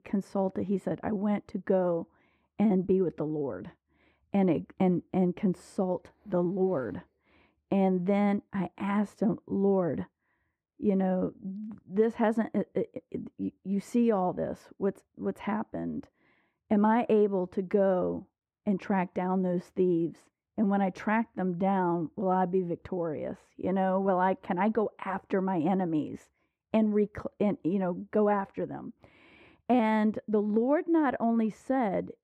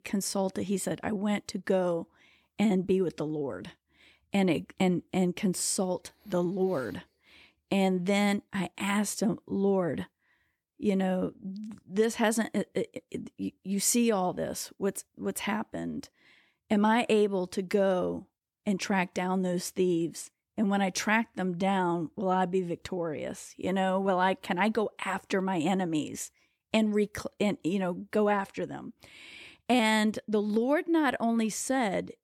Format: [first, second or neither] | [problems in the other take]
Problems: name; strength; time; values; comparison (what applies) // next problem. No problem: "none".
second | muffled; very; fading above 2.5 kHz